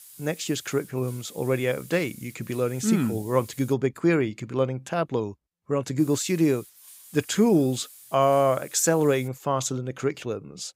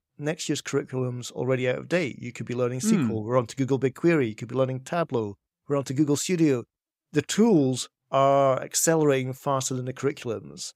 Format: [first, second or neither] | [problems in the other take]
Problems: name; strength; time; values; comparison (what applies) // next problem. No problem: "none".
second | hiss; faint; until 3.5 s and from 6 to 9.5 s; 20 dB below the speech